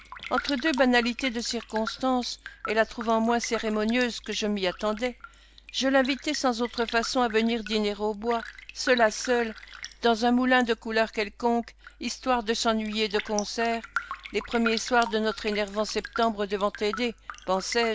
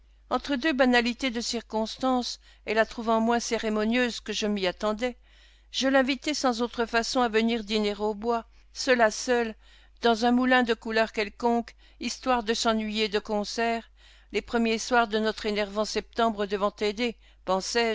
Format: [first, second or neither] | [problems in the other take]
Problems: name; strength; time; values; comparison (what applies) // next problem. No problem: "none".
second | background sound (Raindrop); 14 dB below the speech